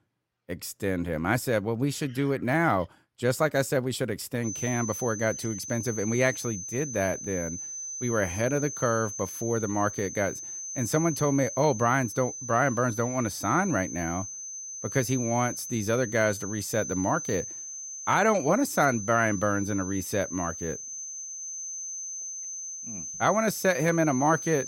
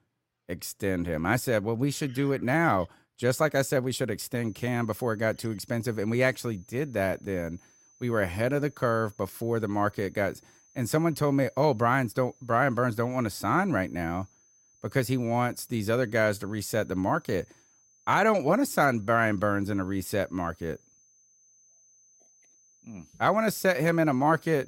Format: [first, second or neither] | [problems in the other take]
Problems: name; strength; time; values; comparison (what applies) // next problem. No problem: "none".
second | high-pitched whine; loud; from 4.5 s on; 6 kHz, 8 dB below the speech; faint in the second